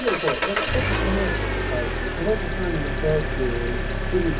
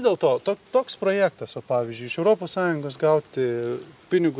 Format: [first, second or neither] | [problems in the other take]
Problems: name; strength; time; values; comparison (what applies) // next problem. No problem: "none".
second | background sound (Engine); 3 dB above the speech // room echo; dies away in 0.3 s